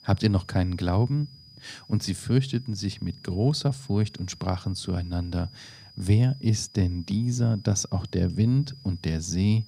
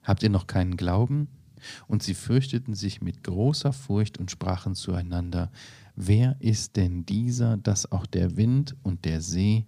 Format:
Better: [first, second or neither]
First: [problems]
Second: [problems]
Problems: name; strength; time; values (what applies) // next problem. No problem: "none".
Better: second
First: high-pitched whine; faint; throughout; 5 kHz, 25 dB below the speech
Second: none